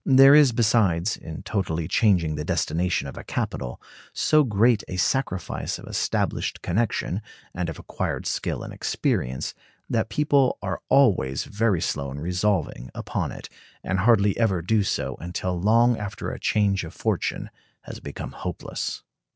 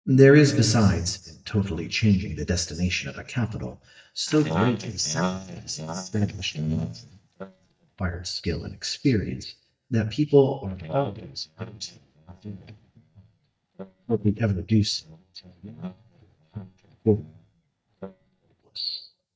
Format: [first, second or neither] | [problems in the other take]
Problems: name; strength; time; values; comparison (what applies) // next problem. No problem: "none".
first | noise reduction (neural mask model DeepFilterNet 3)